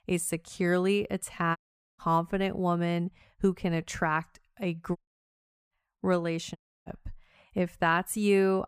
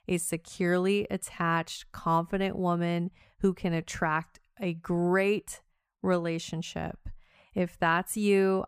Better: second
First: audio cutting out; at 1.5 s, at 5 s for 0.5 s and at 6.5 s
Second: none

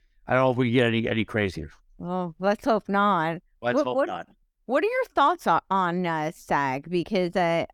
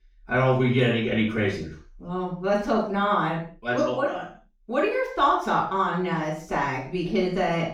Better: first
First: none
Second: room echo; noticeable; dies away in 0.4 s // off-mic speech; far

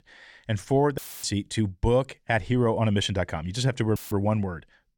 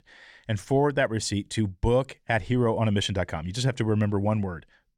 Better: second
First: audio cutting out; filled with static; at 1 s and at 4 s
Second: none

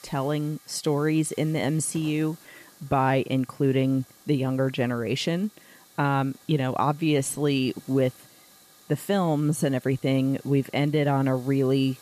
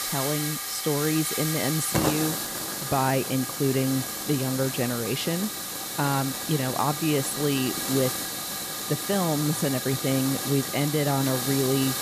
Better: first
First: hiss; faint; throughout; 25 dB below the speech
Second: hiss; loud; throughout; 2 dB below the speech

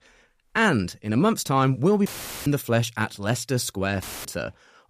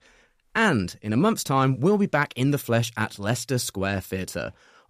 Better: second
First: audio cutting out; filled with static; at 2 s and at 4 s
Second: none

